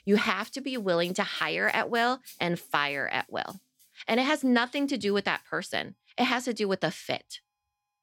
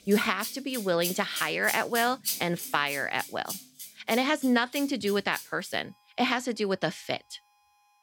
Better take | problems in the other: first | background music; loud; throughout; 9 dB below the speech; faint in the first

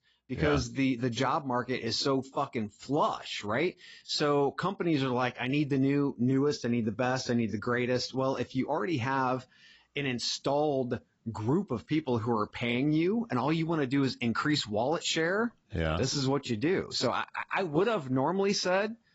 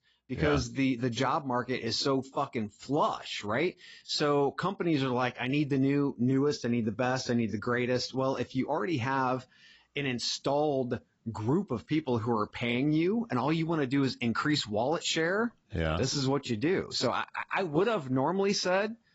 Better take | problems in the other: neither | garbled, watery; badly; nothing above 7.5 kHz; the same in both

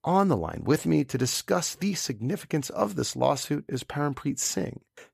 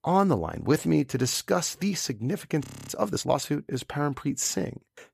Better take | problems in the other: first | audio freezing; at 2.5 s

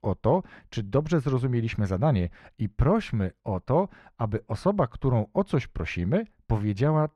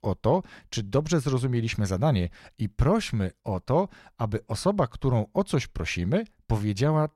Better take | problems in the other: second | muffled; slightly; fading above 3.5 kHz

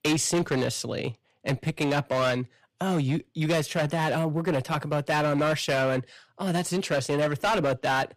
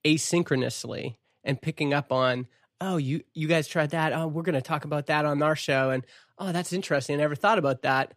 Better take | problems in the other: second | distortion; heavy; 12% of the sound clipped

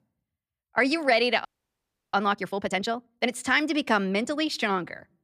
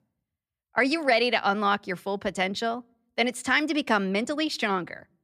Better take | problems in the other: second | audio freezing; at 1.5 s for 0.5 s

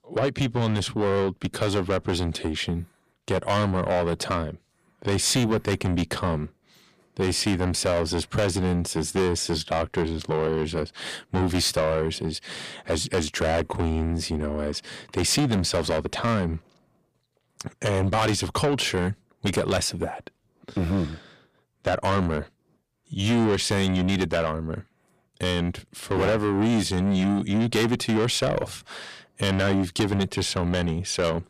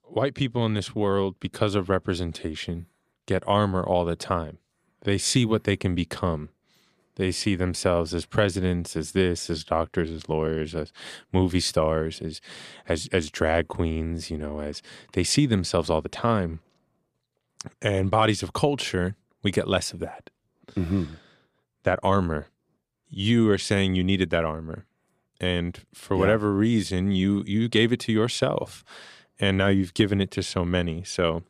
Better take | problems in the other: second | distortion; heavy; 6 dB below the speech

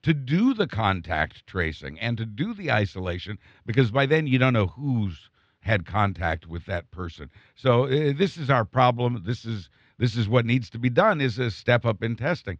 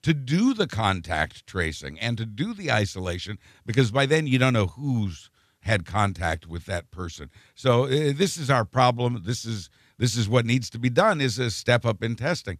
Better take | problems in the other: second | muffled; slightly; fading above 3.5 kHz

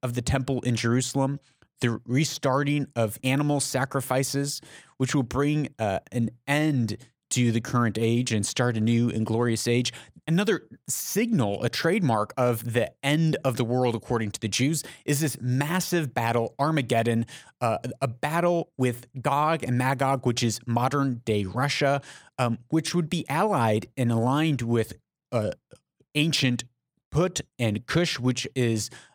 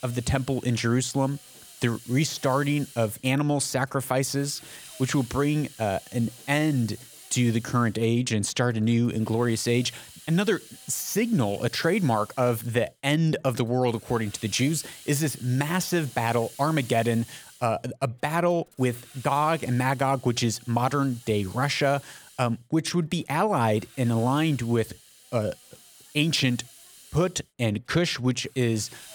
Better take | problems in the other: first | hiss; noticeable; throughout; 20 dB below the speech

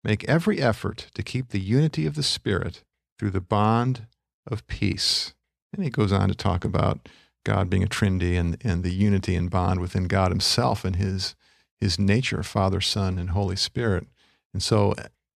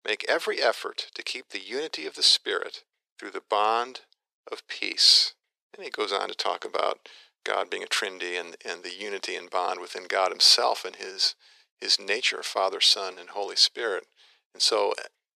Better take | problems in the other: first | thin; very; fading below 400 Hz

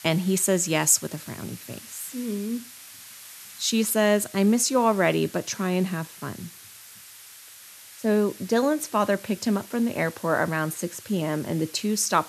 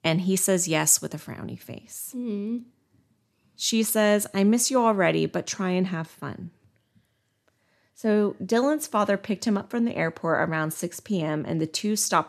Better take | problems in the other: second | hiss; noticeable; throughout; 20 dB below the speech

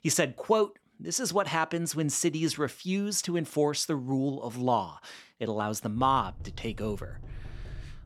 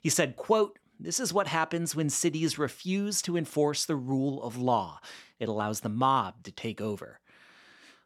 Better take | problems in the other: second | door banging; faint; from 6 s on; peak 15 dB below the speech

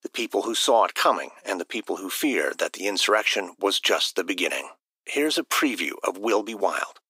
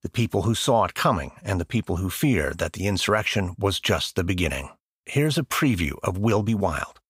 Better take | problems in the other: second | thin; somewhat; fading below 300 Hz

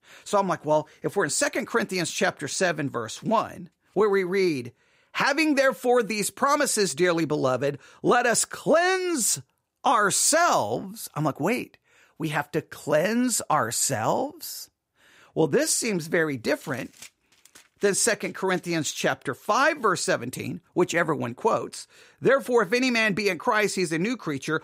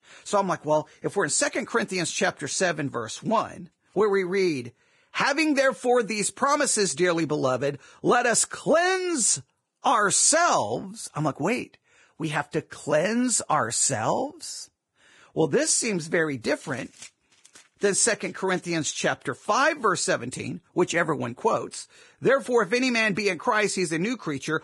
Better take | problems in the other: first | garbled, watery; badly

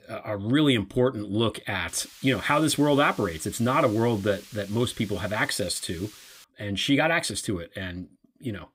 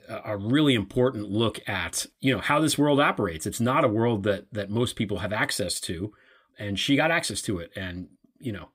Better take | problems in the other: second | hiss; faint; from 2 to 6.5 s; 20 dB below the speech

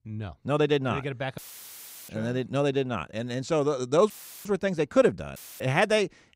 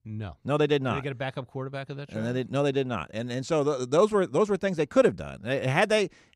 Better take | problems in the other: second | audio cutting out; filled with static; at 1.5 s for 0.5 s, at 4 s and at 5.5 s

